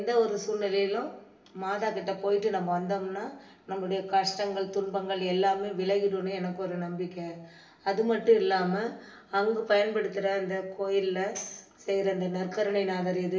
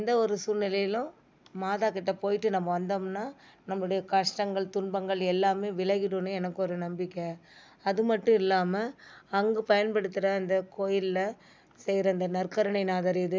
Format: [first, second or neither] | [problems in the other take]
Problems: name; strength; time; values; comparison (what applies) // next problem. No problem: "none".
second | background sound (Tambourine); 17 dB below the speech // room echo; dies away in 0.6 s